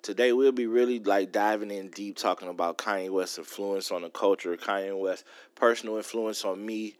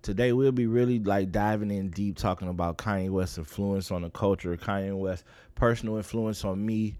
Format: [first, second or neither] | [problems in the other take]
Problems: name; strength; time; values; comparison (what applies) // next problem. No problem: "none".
second | thin; somewhat; fading below 300 Hz